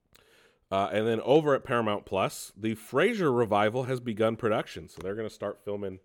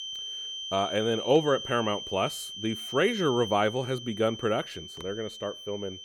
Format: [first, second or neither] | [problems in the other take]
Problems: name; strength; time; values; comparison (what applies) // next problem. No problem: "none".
first | high-pitched whine; loud; throughout; 3 kHz, 8 dB below the speech